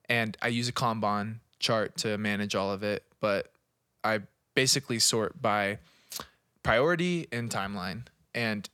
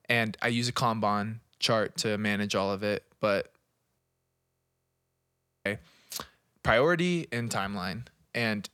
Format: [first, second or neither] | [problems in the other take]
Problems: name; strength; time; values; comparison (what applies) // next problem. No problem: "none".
first | audio freezing; at 4 s for 1.5 s